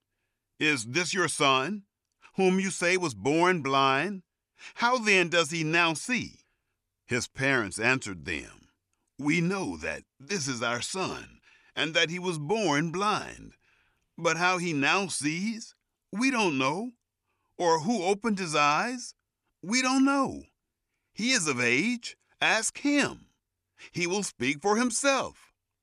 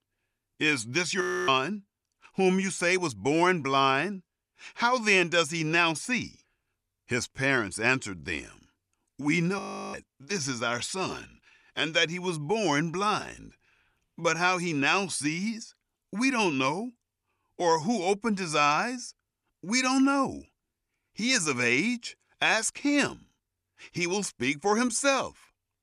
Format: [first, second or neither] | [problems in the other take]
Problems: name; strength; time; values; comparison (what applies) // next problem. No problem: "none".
first | audio freezing; at 1 s and at 9.5 s